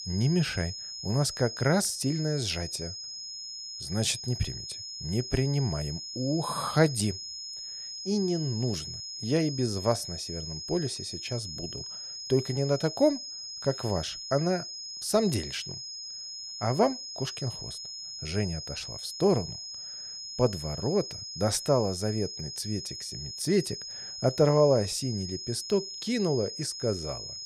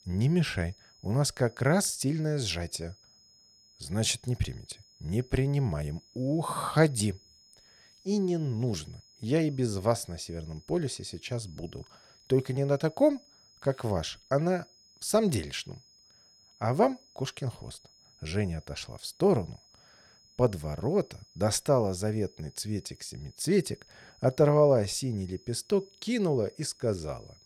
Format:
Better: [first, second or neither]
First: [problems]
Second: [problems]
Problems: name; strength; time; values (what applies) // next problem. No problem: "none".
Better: second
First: high-pitched whine; loud; throughout; 5 kHz, 7 dB below the speech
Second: high-pitched whine; faint; throughout; 5 kHz, 30 dB below the speech